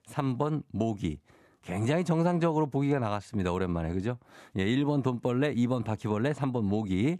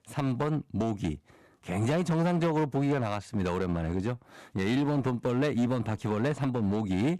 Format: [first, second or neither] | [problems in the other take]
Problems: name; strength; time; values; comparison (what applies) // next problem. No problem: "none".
first | distortion; slight; 10% of the sound clipped